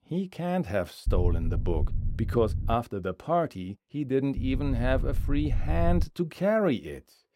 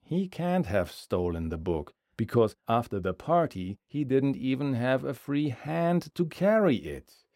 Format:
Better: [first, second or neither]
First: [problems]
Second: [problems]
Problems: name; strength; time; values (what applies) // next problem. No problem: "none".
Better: second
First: low rumble; noticeable; from 1 to 3 s and from 4.5 to 6 s; 20 dB below the speech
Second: none